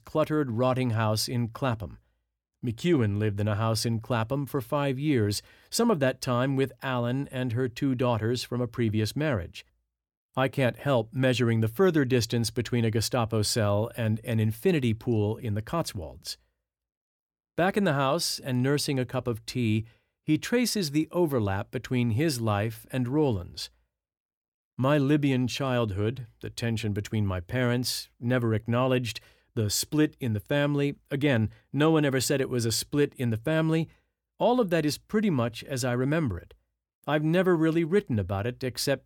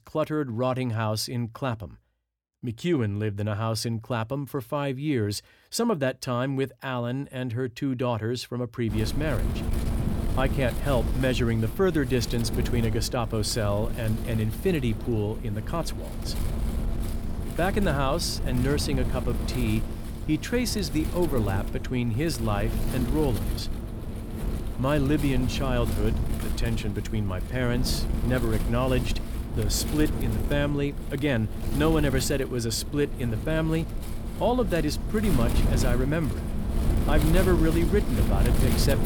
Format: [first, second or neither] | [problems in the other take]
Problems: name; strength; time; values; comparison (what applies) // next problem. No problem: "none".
first | wind noise on the microphone; heavy; from 9 s on; 9 dB below the speech